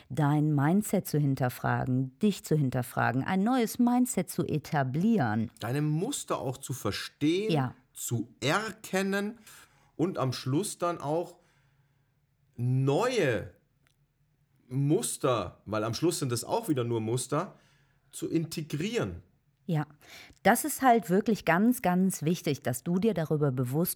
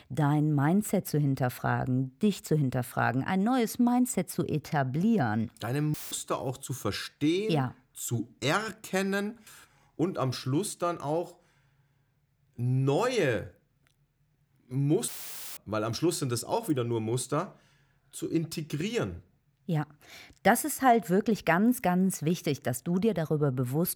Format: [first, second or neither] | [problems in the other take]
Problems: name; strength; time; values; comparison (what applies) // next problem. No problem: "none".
first | audio cutting out; filled with static; at 6 s and at 15 s